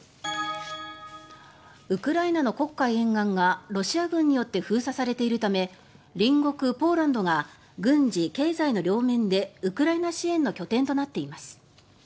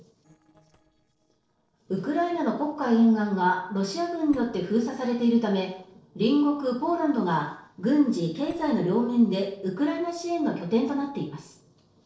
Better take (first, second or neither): first